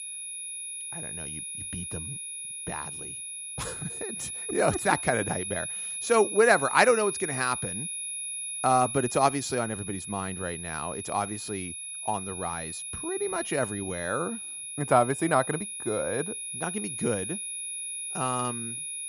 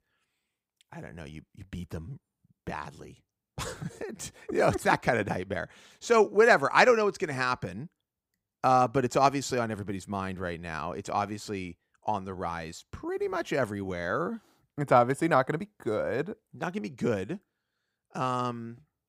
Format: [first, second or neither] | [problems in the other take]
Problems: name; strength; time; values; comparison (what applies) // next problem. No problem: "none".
second | high-pitched whine; loud; throughout; 10.5 kHz, 5 dB below the speech